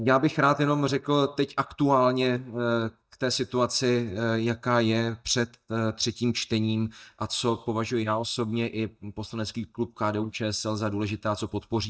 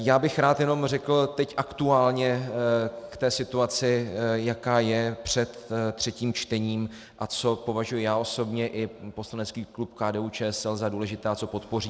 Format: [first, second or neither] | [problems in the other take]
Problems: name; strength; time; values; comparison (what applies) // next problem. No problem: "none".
second | noise reduction (neural mask model DeepFilterNet 3)